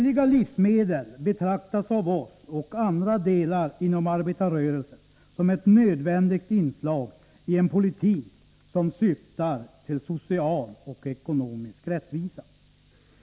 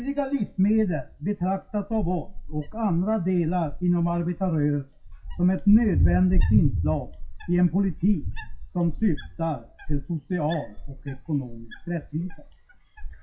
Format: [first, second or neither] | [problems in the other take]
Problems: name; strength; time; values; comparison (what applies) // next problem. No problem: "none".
first | noise reduction (classical method WPE with log-MMSE)